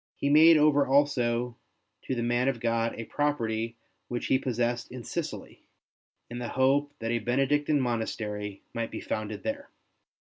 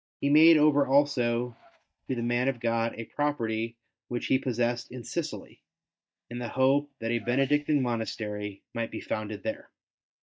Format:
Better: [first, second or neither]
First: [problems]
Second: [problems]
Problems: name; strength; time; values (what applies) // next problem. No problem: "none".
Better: first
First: none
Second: noise reduction (neural mask model DeepFilterNet 3)